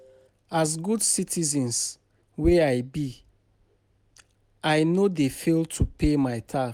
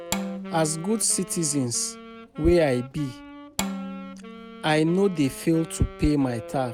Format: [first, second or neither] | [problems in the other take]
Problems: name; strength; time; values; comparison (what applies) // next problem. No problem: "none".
first | background sound (Bowed string instrument + Wind instrument, woodwind instrument); 12 dB below the speech